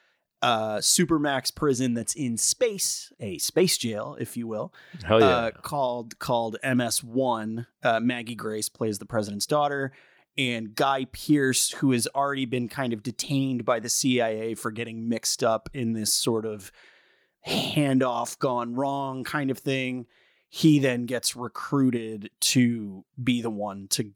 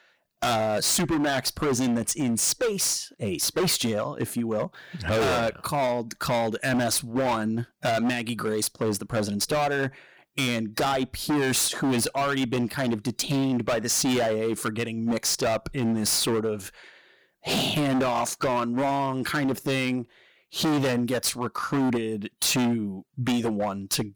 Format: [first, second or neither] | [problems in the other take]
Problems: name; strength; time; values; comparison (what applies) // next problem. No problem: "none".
first | distortion; heavy; 21% of the sound clipped